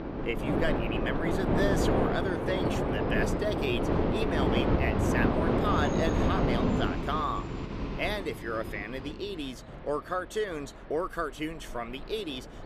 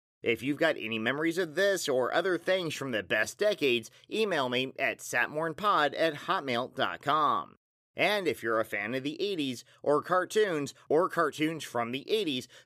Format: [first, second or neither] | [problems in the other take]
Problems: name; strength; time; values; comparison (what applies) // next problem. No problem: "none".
second | train or aircraft noise; very loud; throughout; 5 dB above the speech